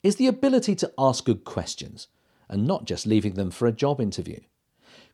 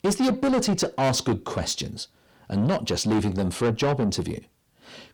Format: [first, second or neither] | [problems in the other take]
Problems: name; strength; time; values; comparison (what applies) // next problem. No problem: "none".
first | distortion; heavy; 6 dB below the speech